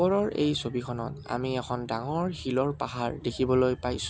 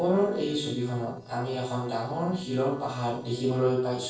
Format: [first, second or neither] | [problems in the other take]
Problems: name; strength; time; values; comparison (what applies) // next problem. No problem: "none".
first | noise reduction (neural separator model SepFormer DNS4)